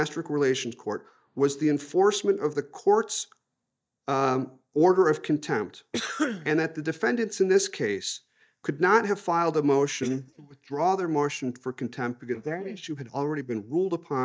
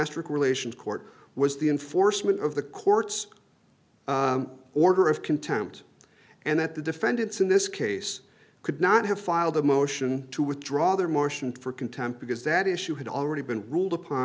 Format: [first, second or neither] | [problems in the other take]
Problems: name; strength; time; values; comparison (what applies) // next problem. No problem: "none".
second | noise reduction (neural mask model DeepFilterNet 3)